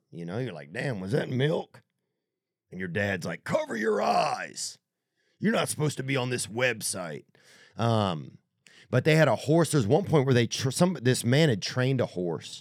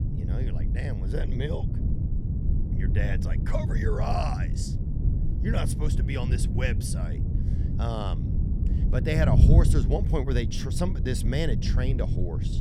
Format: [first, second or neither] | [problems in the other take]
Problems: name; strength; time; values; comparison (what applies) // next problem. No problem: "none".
first | wind noise on the microphone; heavy; 6 dB below the speech